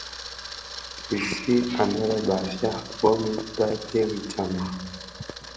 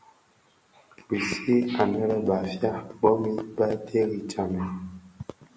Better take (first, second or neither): second